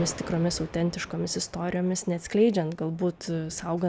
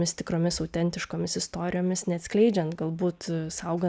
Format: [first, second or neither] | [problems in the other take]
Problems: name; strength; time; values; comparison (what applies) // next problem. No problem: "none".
second | background sound (Thunder); 17 dB below the speech